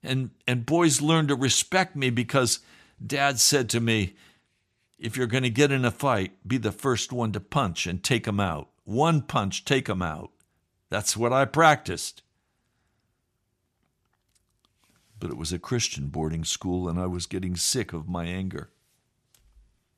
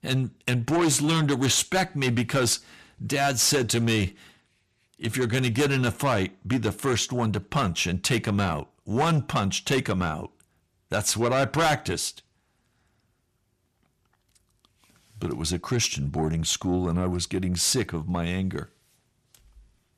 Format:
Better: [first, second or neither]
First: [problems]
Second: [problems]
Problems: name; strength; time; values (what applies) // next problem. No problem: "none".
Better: first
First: none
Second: distortion; heavy; 8 dB below the speech